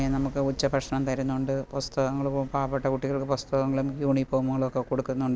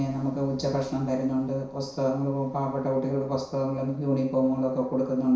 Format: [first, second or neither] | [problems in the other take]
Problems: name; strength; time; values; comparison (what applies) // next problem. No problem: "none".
first | room echo; dies away in 0.6 s